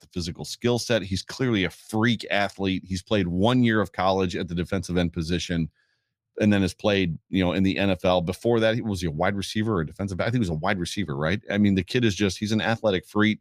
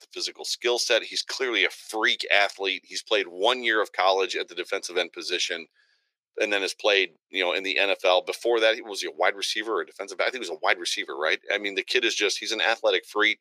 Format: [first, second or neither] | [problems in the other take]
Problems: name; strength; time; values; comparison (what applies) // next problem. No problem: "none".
first | thin; very; fading below 400 Hz